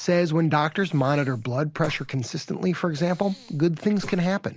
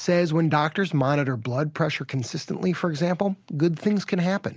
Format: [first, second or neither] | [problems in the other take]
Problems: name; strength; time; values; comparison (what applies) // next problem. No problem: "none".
second | noise reduction (neural mask model Resemble Enhance denoiser)